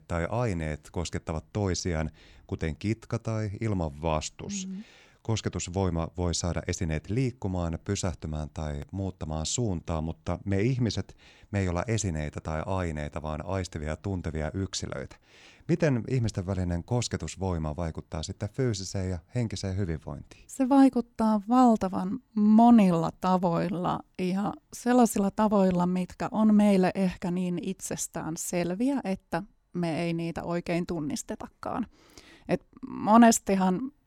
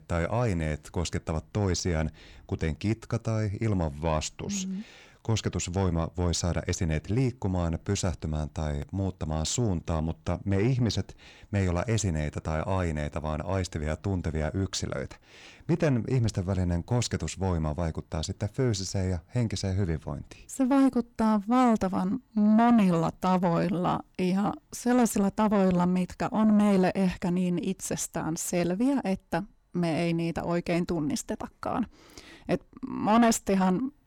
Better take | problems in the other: first | distortion; slight; 10 dB below the speech

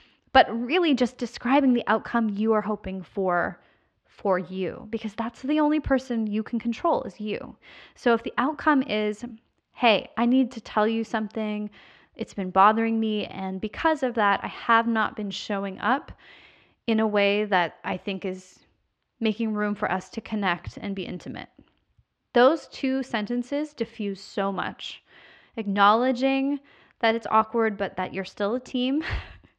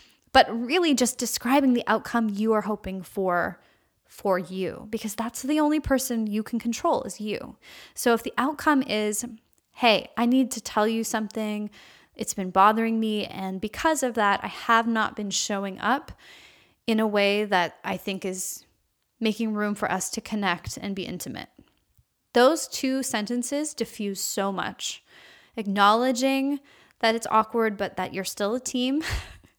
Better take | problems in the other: second | muffled; slightly; fading above 3.5 kHz

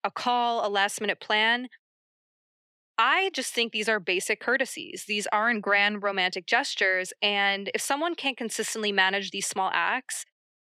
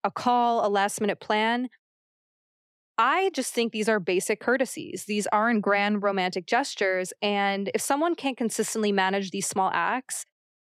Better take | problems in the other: second | thin; very slightly; fading below 300 Hz

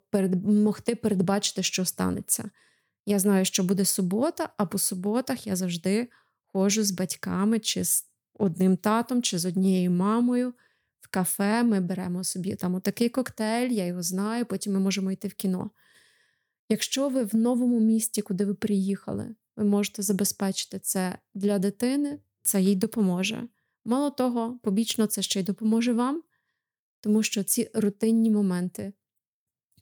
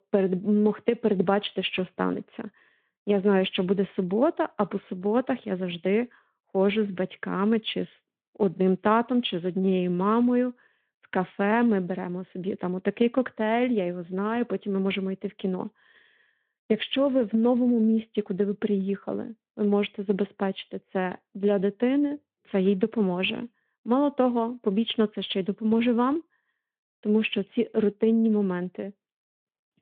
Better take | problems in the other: first | phone-call audio; nothing above 3.5 kHz

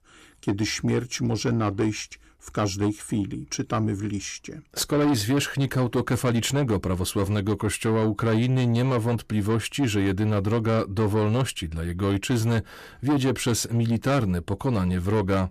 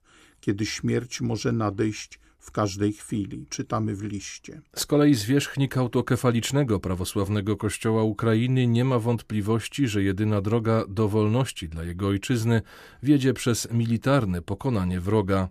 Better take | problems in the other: second | distortion; slight; 10 dB below the speech

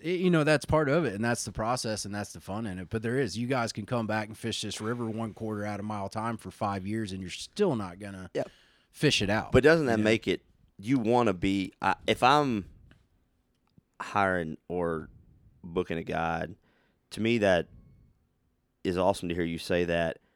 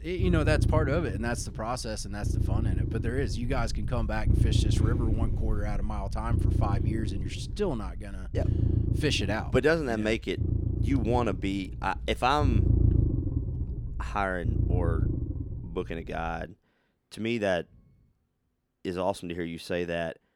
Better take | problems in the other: first | low rumble; loud; until 16 s; 9 dB below the speech

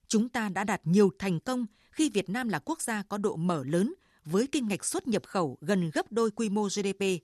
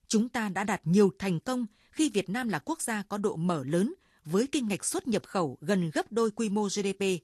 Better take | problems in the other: first | garbled, watery; slightly; nothing above 13.5 kHz

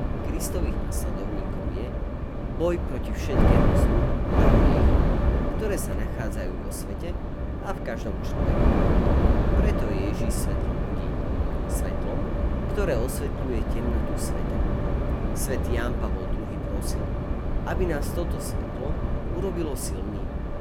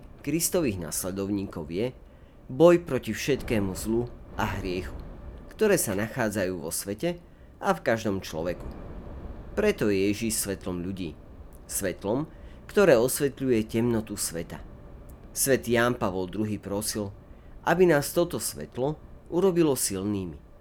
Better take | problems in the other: second | wind noise on the microphone; heavy; 4 dB above the speech; occasional gusts in the second

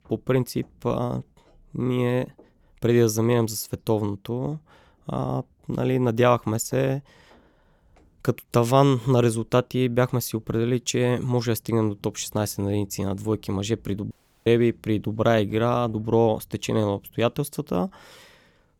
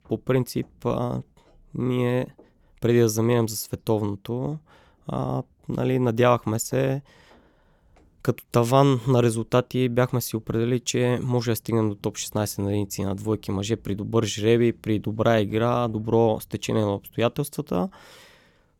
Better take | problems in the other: second | audio cutting out; at 14 s

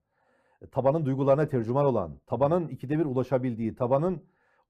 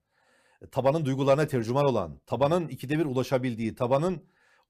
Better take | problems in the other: second | muffled; slightly; fading above 2 kHz

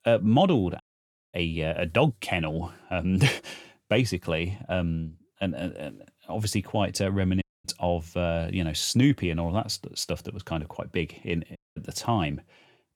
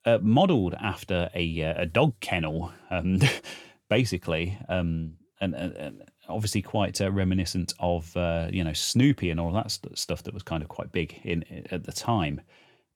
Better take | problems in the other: second | audio cutting out; at 1 s for 0.5 s, at 7.5 s and at 12 s

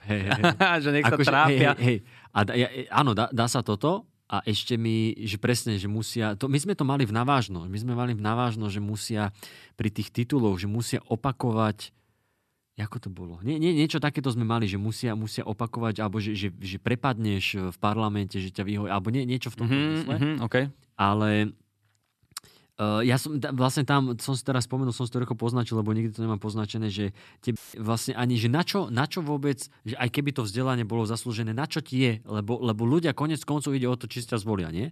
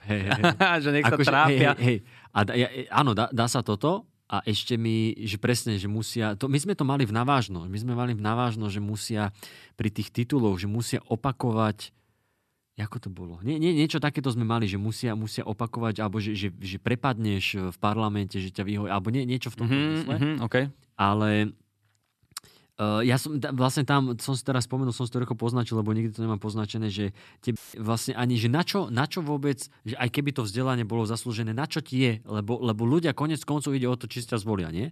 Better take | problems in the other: neither | audio cutting out; filled with static; at 28 s; the same in both

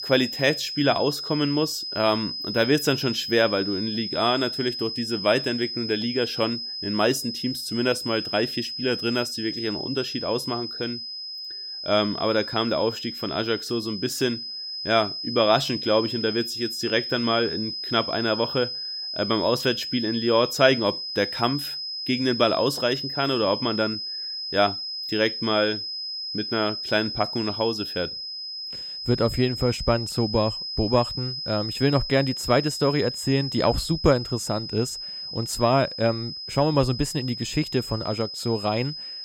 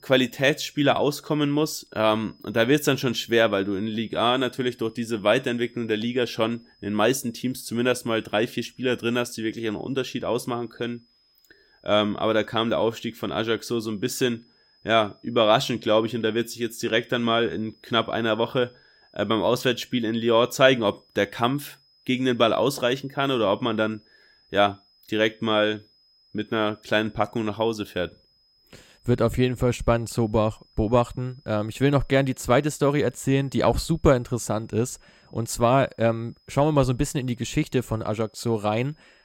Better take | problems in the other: second | high-pitched whine; loud; throughout; 5 kHz, 5 dB below the speech; faint in the second

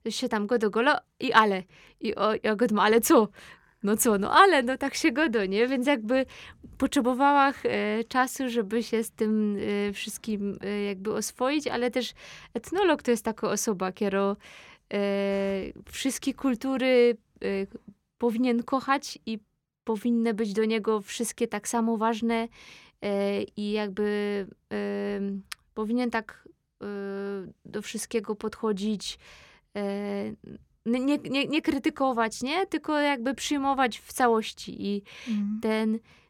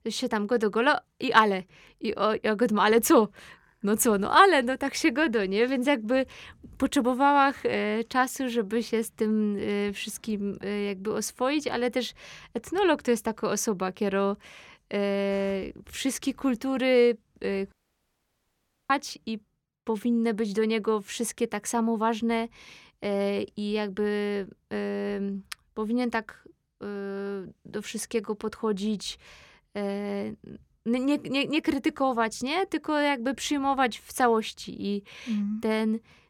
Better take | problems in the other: first | audio cutting out; at 18 s for 1 s

